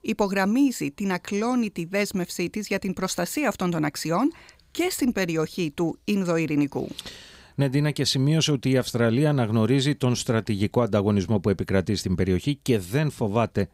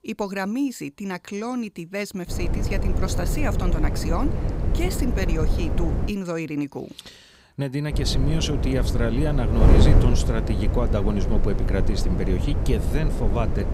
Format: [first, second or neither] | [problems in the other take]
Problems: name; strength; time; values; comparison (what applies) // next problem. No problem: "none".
first | wind noise on the microphone; heavy; from 2.5 to 6 s and from 8 s on; 3 dB below the speech